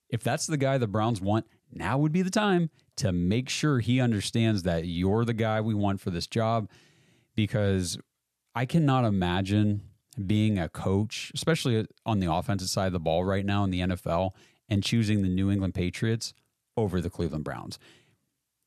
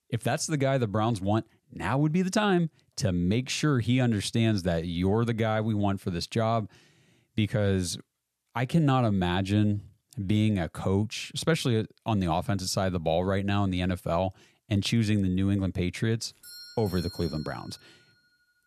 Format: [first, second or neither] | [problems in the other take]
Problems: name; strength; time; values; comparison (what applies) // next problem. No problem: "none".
first | doorbell; faint; from 16 to 18 s; peak 15 dB below the speech